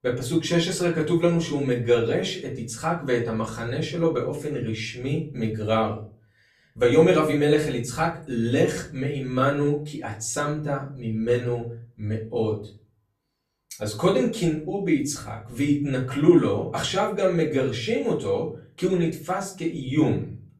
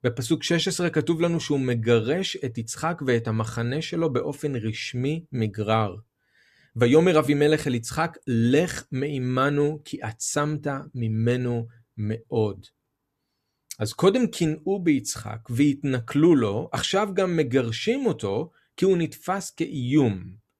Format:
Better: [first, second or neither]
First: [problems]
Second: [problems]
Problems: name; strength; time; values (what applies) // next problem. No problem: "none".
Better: second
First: room echo; slight; dies away in 0.3 s // off-mic speech; far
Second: none